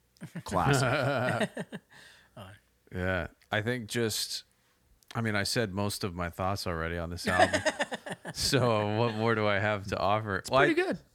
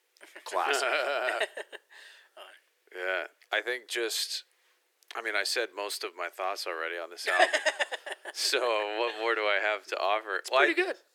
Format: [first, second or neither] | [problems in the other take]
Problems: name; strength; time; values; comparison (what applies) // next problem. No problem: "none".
first | thin; very; fading below 350 Hz